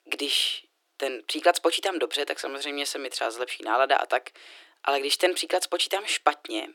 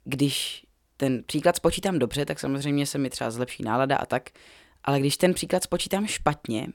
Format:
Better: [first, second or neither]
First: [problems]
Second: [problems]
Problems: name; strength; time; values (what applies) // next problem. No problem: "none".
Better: second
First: thin; very; fading below 300 Hz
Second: none